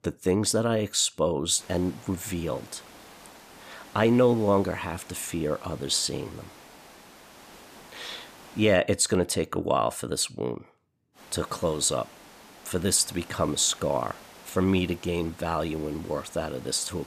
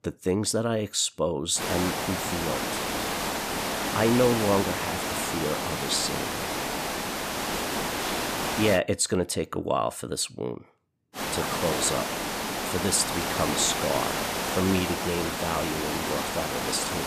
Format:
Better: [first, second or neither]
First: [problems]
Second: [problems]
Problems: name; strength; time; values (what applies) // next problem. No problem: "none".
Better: first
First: hiss; faint; from 1.5 to 9 s and from 11 s on; 20 dB below the speech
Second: hiss; loud; from 1.5 to 9 s and from 11 s on; 1 dB below the speech